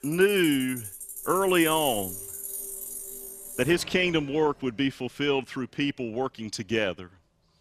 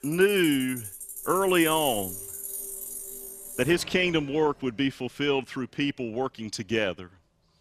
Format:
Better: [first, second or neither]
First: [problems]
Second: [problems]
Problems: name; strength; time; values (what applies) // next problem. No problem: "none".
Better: neither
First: traffic noise; loud; throughout; 9 dB below the speech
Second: traffic noise; loud; throughout; 9 dB below the speech